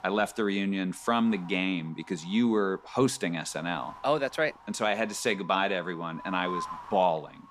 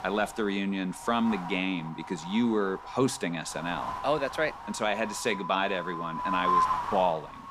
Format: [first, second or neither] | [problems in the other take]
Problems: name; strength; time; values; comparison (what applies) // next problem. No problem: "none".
first | wind noise on the microphone; heavy; 2 dB below the speech; occasional gusts in the first